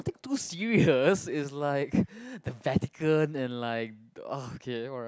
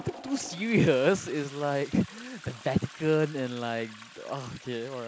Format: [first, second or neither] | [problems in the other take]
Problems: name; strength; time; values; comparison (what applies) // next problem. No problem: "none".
first | background sound (Toilet flush); 18 dB below the speech